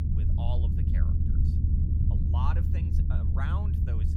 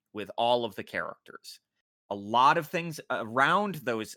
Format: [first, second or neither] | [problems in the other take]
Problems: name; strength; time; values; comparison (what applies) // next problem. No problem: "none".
second | low rumble; loud; throughout; 1 dB below the speech